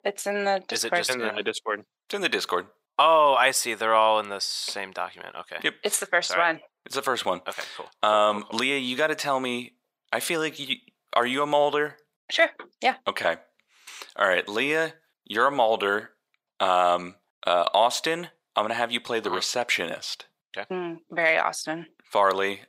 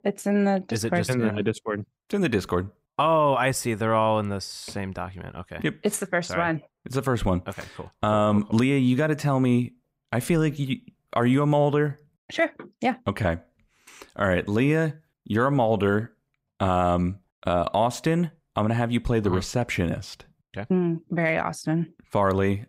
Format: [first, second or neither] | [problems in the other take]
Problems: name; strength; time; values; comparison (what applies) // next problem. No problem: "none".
second | thin; very; fading below 600 Hz